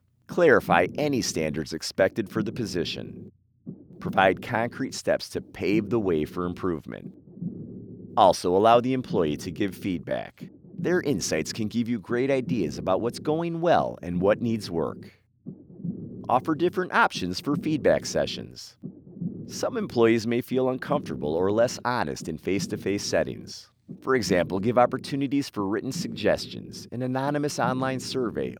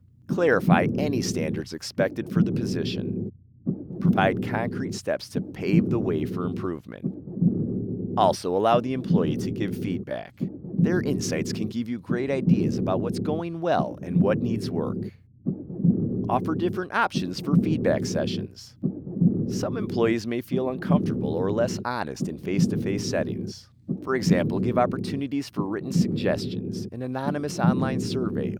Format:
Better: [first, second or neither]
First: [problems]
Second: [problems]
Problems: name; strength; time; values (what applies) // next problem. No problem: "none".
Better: first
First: low rumble; faint; throughout; 20 dB below the speech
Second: low rumble; loud; throughout; 7 dB below the speech